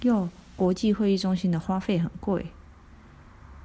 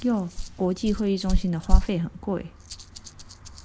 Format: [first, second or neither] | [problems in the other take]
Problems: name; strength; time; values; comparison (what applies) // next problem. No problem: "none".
first | background sound (Rattle); 2 dB above the speech